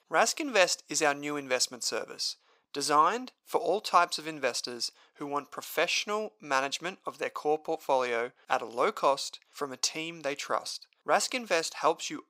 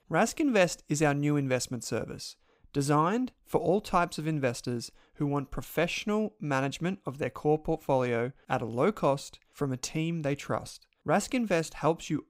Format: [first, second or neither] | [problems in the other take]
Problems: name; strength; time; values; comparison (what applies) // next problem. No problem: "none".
second | thin; somewhat; fading below 500 Hz